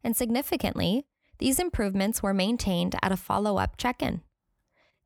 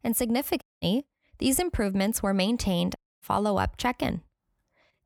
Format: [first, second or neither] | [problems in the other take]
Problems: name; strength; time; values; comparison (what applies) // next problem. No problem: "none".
first | audio cutting out; at 0.5 s and at 3 s